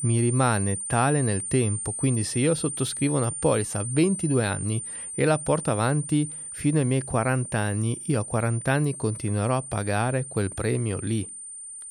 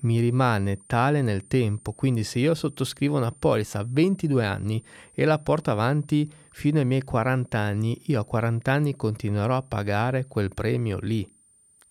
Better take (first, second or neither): second